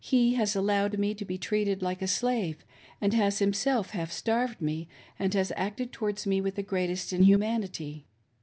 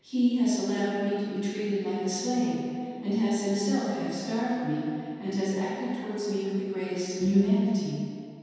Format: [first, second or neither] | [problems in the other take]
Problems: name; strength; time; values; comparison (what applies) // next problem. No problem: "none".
first | room echo; dies away in 2.1 s